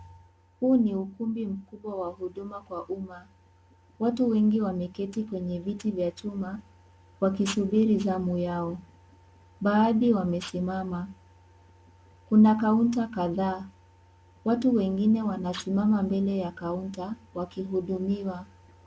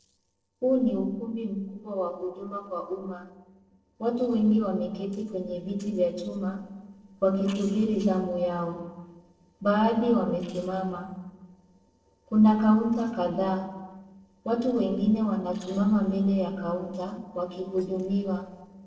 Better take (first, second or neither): first